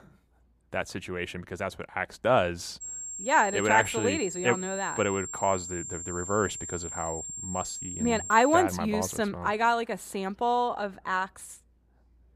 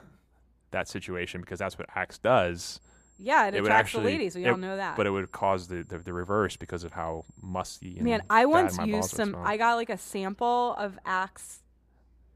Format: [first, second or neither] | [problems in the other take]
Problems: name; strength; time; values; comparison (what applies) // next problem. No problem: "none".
second | high-pitched whine; loud; from 3 to 8.5 s; 7.5 kHz, 7 dB below the speech; faint in the second